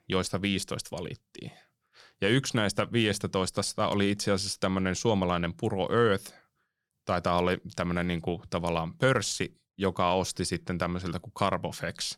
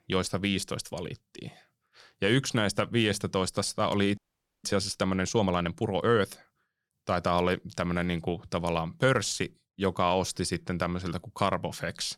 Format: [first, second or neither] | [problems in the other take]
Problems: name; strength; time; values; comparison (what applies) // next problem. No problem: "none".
first | audio freezing; at 4 s